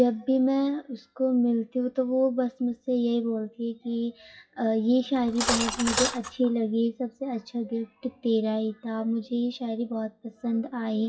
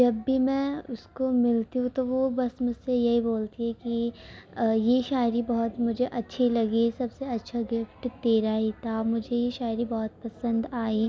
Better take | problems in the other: second | noise reduction (classical method WPE with log-MMSE)

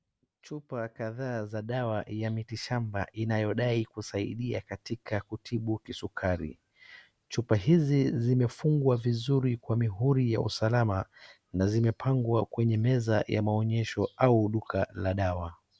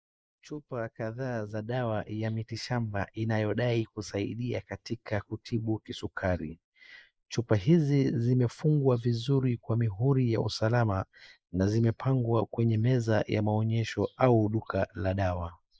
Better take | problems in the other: first | noise reduction (neural mask model Resemble Enhance denoiser)

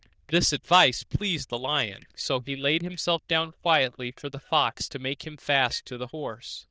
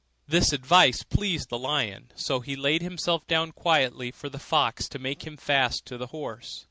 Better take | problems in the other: second | noise reduction (neural diffusion model UNIVERSE++)

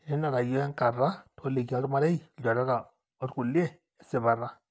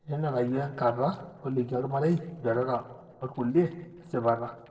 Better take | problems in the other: first | noise reduction (neural separator model SepFormer DNS4)

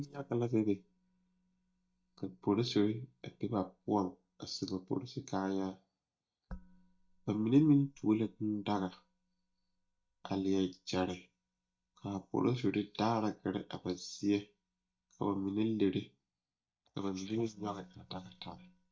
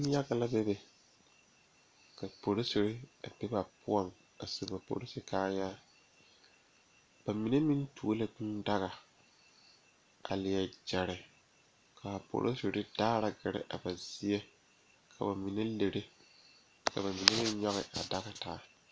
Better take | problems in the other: second | noise reduction (neural mask model DeepFilterNet 3)

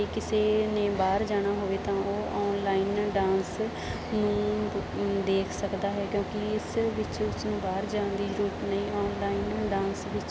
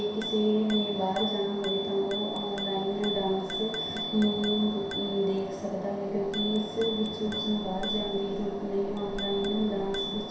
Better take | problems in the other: first | background sound (Bicycle bell); 8 dB below the speech // room echo; dies away in 0.7 s

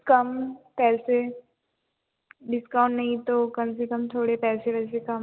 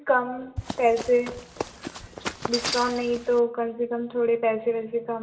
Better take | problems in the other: first | background sound (Run); 8 dB below the speech // room echo; dies away in 0.7 s

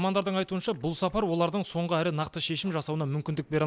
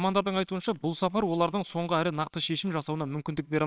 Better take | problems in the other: first | noise reduction (neural separator model SepFormer WHAMR!)

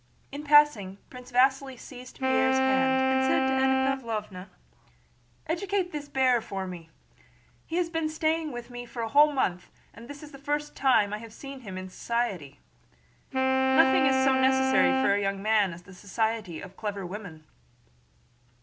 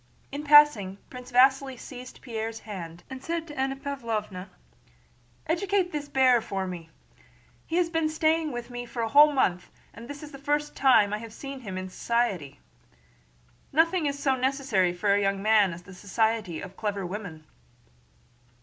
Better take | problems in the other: second | background sound (Wind instrument, woodwind instrument); 2 dB above the speech

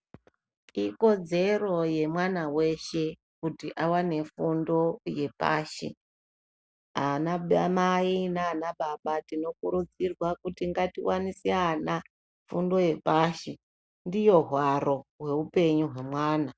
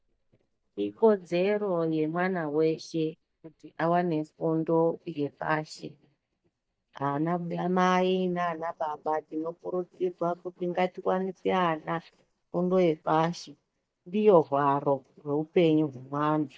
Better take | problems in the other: first | noise reduction (neural mask model DeepFilterNet 3)

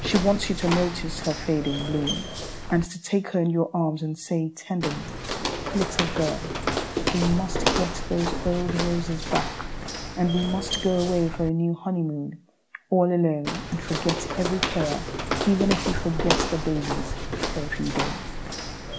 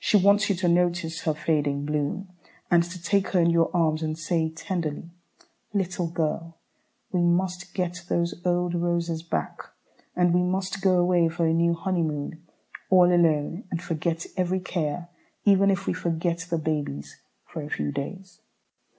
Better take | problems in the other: second | background sound (Walk, footsteps); 3 dB below the speech

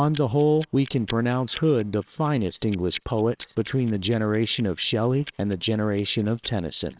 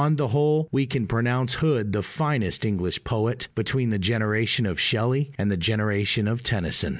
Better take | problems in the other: second | noise reduction (neural separator model SepFormer WHAMR!)

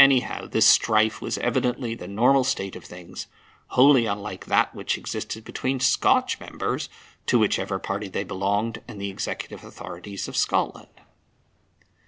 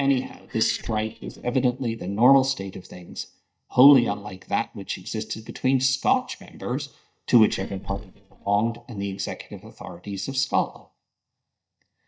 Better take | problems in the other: first | noise reduction (neural mask model DeepFilterNet 3)

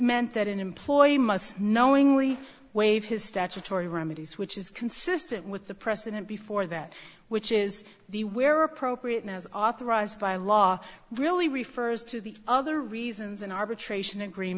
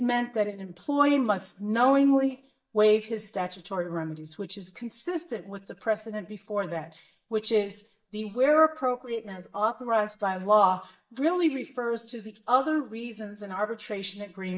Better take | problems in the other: first | noise reduction (neural mask model DeepFilterNet 3)

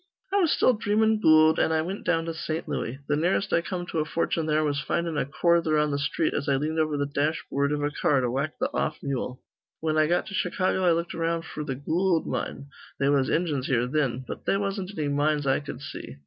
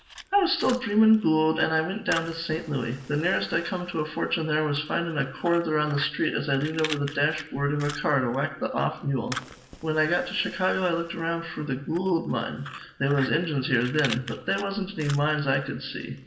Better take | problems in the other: first | background sound (Fire); 16 dB below the speech // room echo; dies away in 0.8 s

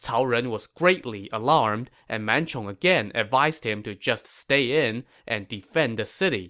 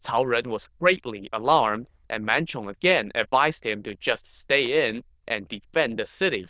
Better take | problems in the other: first | noise reduction (neural diffusion model UNIVERSE++)

